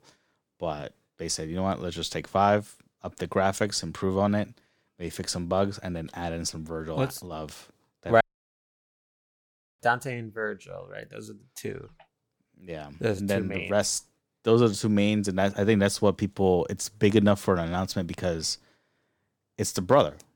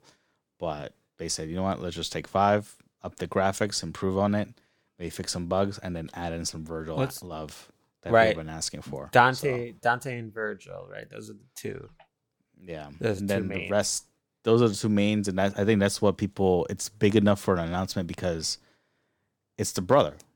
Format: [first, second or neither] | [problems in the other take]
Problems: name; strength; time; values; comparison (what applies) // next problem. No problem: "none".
second | audio cutting out; at 8 s for 1.5 s